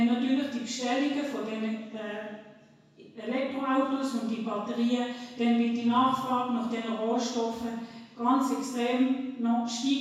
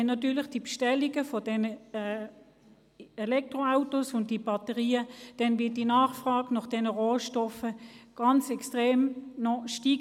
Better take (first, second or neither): second